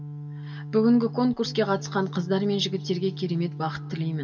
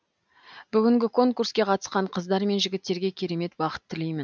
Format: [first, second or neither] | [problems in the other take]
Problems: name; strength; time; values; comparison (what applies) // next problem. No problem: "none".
second | background sound (Organ); 10 dB below the speech // room echo; dies away in 1.5 s